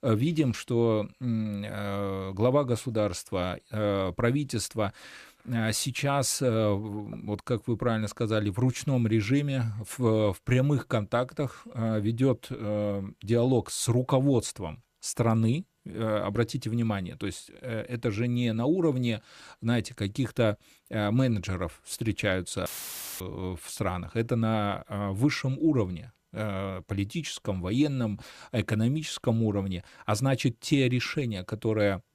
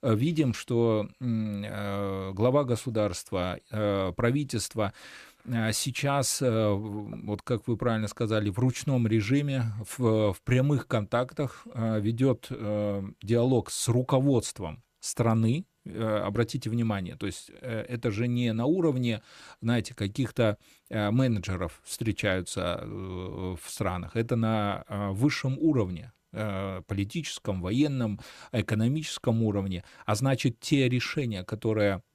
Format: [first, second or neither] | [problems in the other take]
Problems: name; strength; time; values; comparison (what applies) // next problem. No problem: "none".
second | audio cutting out; filled with static; at 23 s for 0.5 s